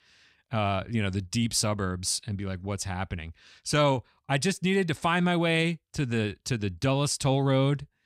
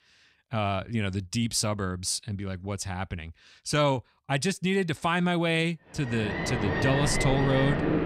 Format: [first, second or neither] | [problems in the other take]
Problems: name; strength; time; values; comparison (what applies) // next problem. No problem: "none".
first | rain or running water; loud; from 6 s on; 1 dB below the speech